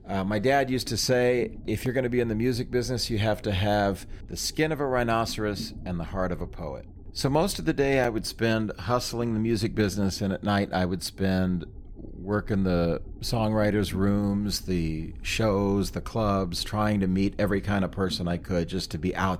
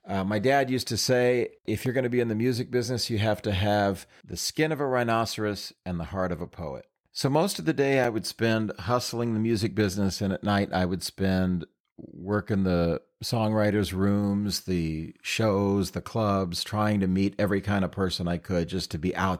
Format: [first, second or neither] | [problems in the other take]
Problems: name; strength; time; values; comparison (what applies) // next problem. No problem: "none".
second | low rumble; faint; throughout; 25 dB below the speech